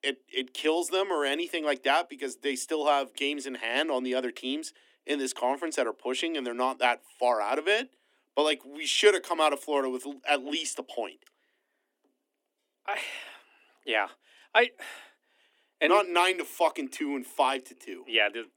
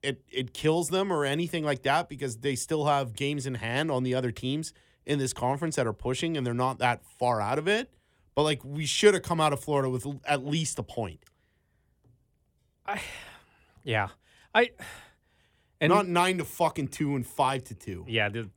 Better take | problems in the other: second | thin; somewhat; fading below 250 Hz

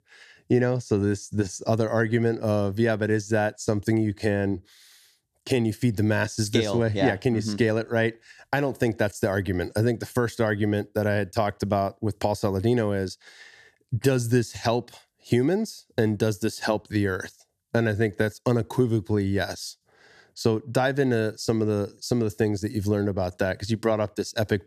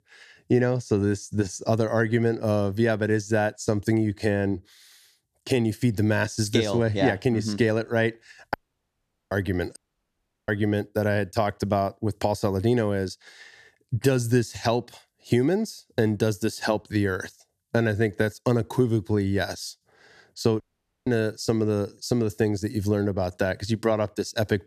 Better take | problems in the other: first | audio cutting out; at 8.5 s for 1 s, at 10 s for 0.5 s and at 21 s

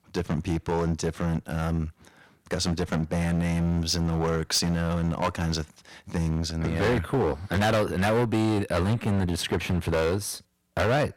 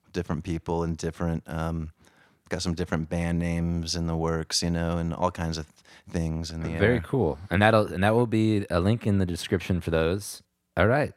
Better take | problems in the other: second | distortion; heavy; 13% of the sound clipped

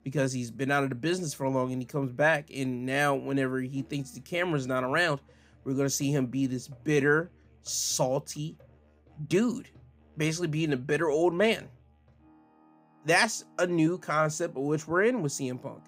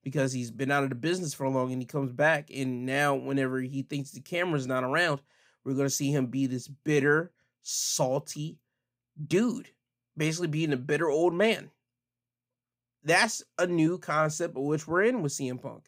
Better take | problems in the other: second | background music; faint; throughout; 30 dB below the speech

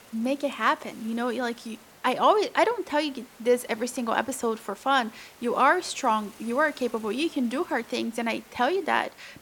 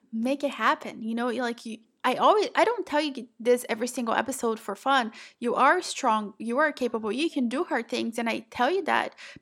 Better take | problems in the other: second | hiss; faint; throughout; 25 dB below the speech

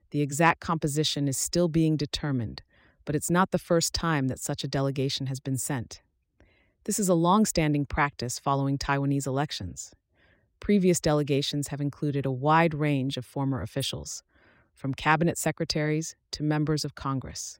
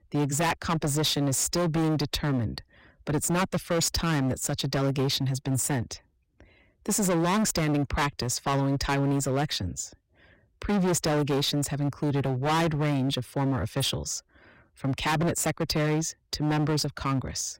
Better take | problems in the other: first | distortion; heavy; 20% of the sound clipped

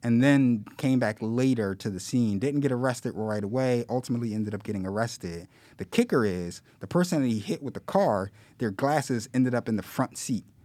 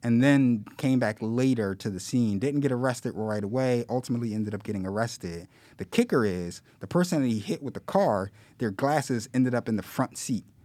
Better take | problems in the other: neither | none

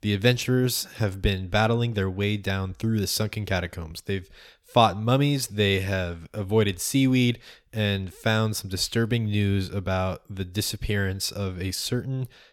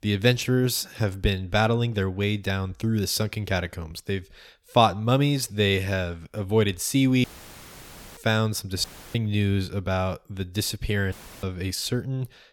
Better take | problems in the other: first | audio cutting out; filled with static; at 7 s for 1 s, at 9 s and at 11 s

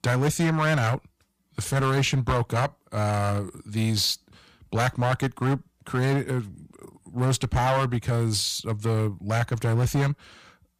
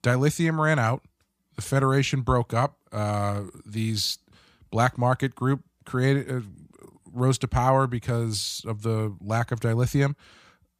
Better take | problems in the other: second | distortion; heavy; 10% of the sound clipped

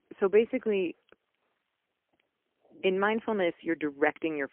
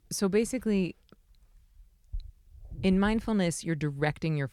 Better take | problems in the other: second | phone-call audio; poor line; nothing above 3 kHz

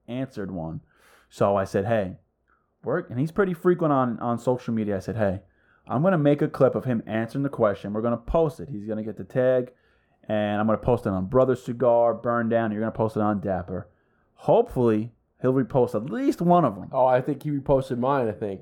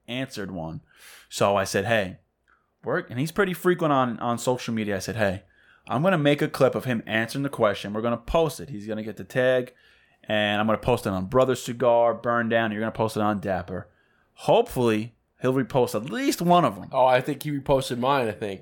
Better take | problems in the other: second | muffled; slightly; fading above 1 kHz

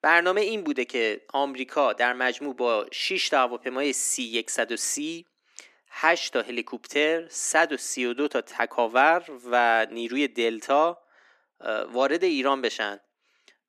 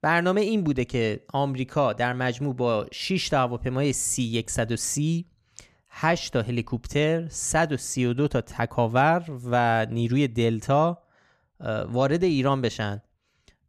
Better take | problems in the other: second | thin; somewhat; fading below 300 Hz

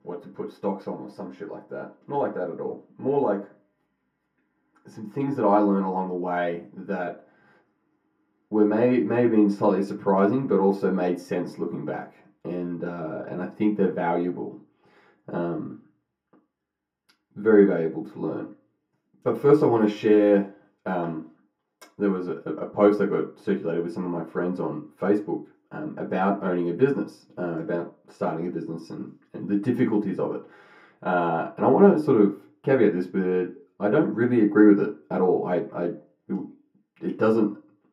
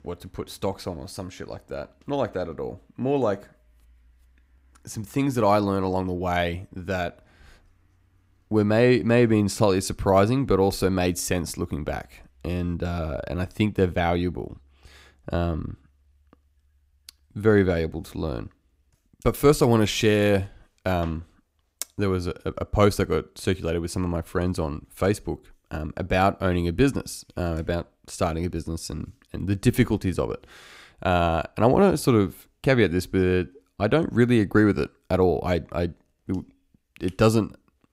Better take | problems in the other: second | room echo; slight; dies away in 0.3 s // off-mic speech; far

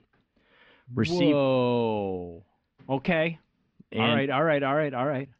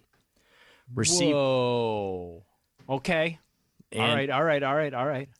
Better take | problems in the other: second | muffled; very; fading above 3.5 kHz

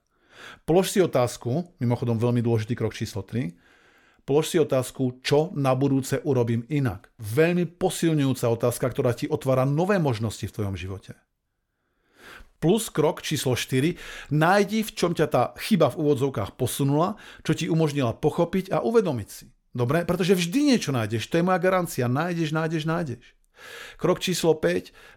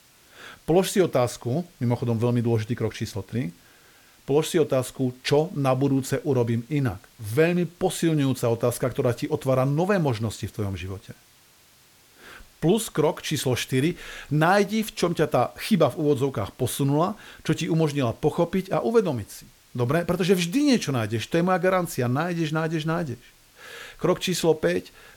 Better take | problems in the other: first | hiss; faint; throughout; 30 dB below the speech

